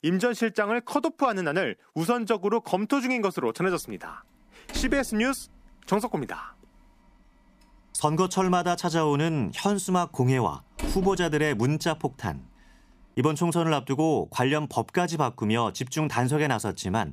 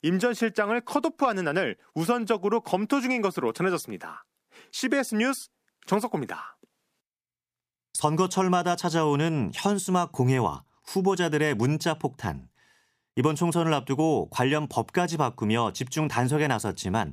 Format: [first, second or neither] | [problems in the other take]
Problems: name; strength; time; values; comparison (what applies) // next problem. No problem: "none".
second | door banging; noticeable; from 4.5 to 11 s; peak 8 dB below the speech